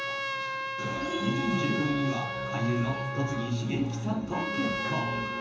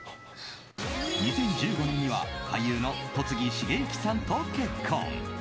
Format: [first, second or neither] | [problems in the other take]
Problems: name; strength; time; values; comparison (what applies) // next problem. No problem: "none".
second | background sound (Trumpet); 4 dB below the speech // room echo; dies away in 0.7 s